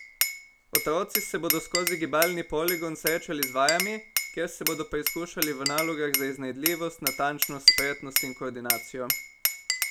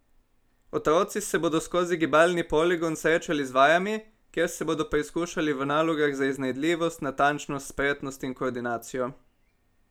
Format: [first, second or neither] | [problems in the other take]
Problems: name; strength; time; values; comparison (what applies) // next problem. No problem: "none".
second | background sound (Glass); 1 dB above the speech